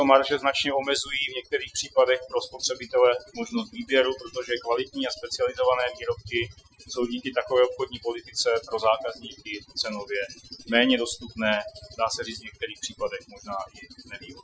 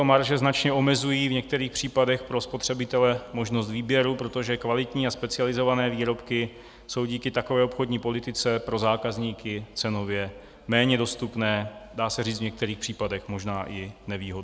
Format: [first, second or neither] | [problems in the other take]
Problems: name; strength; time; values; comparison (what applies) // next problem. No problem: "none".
second | noise reduction (classical method Wiener filter)